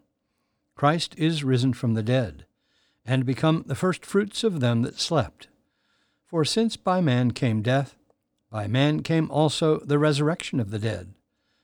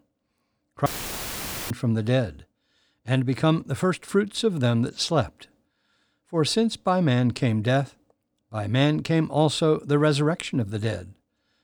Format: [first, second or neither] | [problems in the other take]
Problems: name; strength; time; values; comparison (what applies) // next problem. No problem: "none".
first | audio cutting out; filled with static; at 1 s for 1 s